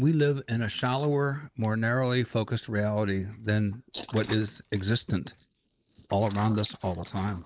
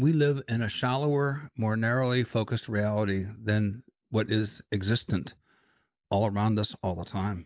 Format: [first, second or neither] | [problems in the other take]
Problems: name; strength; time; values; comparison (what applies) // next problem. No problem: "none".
second | noise reduction (neural mask model Resemble Enhance denoiser)